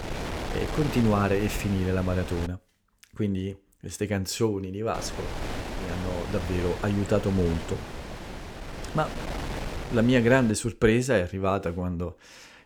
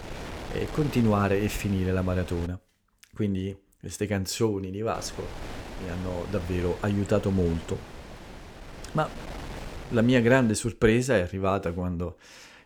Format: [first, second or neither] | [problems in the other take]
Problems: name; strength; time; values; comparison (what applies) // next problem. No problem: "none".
second | wind noise on the microphone; heavy; until 2.5 s and from 5 to 11 s; 8 dB below the speech; occasional gusts in the second